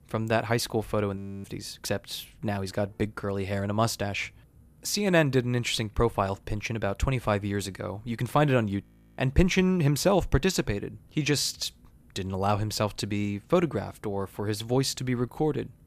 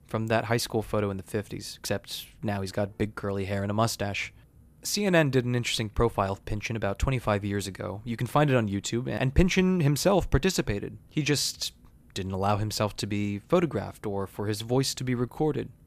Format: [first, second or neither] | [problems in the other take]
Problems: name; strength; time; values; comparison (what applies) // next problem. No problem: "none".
second | audio freezing; at 1 s and at 9 s